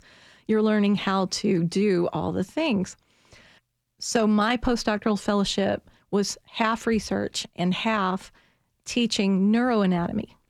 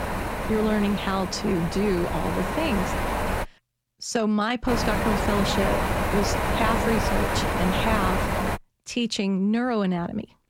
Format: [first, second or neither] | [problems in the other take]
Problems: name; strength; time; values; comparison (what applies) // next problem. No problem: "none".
first | wind noise on the microphone; heavy; until 3.5 s and from 4.5 to 8.5 s; 1 dB above the speech